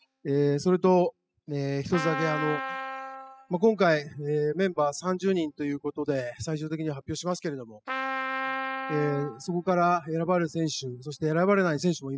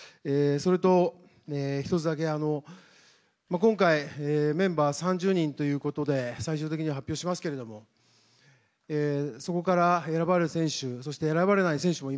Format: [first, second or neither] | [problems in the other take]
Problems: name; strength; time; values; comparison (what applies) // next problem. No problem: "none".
second | noise reduction (classical method spectral subtraction)